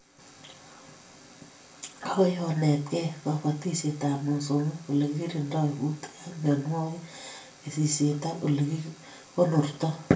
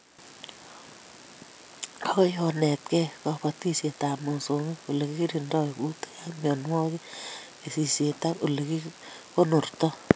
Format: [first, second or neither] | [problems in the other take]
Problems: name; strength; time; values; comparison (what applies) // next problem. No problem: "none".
second | room echo; dies away in 0.3 s